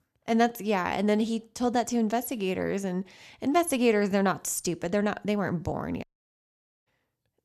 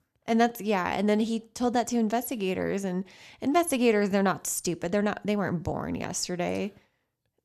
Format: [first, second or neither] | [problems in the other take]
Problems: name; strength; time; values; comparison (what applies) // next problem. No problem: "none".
second | audio cutting out; at 6 s for 1 s